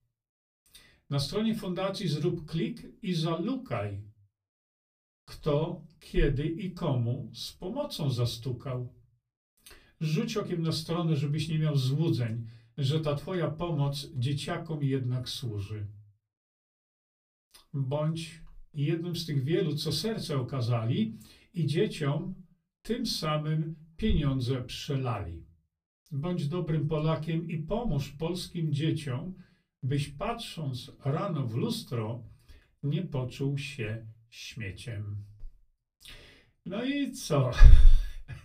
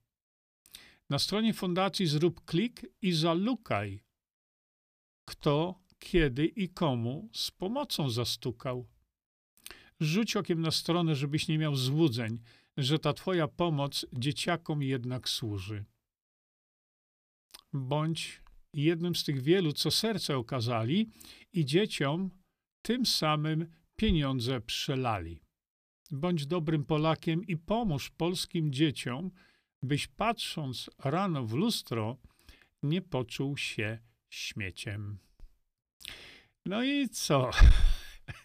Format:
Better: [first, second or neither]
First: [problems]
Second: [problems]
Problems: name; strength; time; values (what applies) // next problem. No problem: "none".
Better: second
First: off-mic speech; far // room echo; very slight; dies away in 0.3 s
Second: none